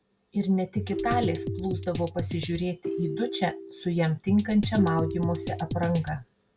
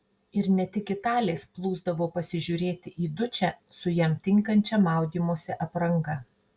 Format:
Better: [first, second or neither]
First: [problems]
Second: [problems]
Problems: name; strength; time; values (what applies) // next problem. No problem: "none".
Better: second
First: background sound (Drum kit + Ringtone); 5 dB below the speech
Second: none